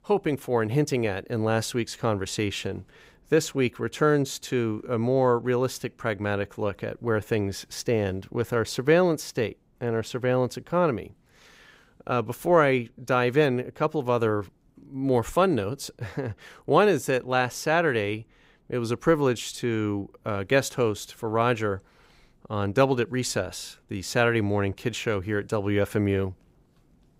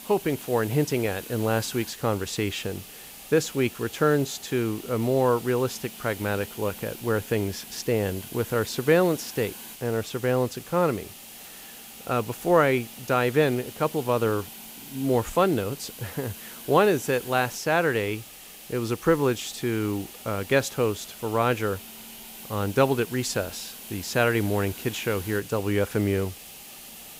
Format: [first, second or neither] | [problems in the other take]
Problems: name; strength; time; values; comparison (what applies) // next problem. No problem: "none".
first | hiss; noticeable; throughout; 15 dB below the speech